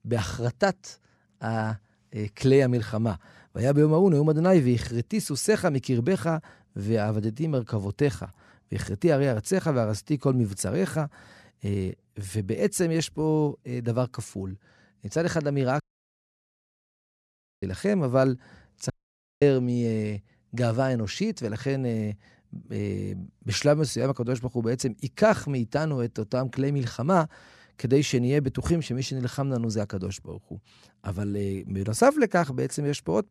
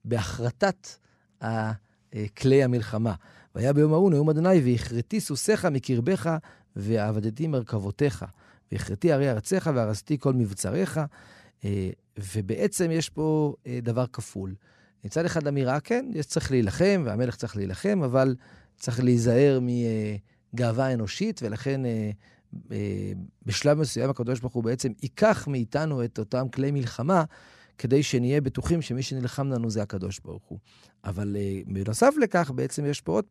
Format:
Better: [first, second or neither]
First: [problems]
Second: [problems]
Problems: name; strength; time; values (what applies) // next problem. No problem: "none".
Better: second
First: audio cutting out; at 16 s for 2 s and at 19 s for 0.5 s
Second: none